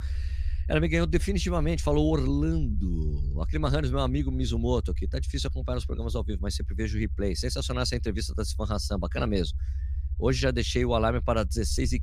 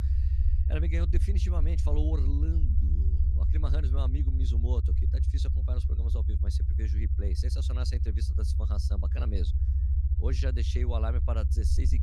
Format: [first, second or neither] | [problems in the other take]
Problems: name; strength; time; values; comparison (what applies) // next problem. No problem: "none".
first | low rumble; loud; throughout; 4 dB below the speech; faint in the first